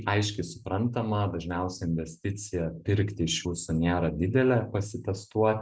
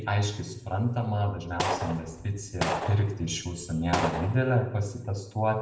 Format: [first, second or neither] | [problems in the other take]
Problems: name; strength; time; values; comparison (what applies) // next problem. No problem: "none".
first | background sound (Gunshot, gunfire); 6 dB below the speech // room echo; dies away in 0.7 s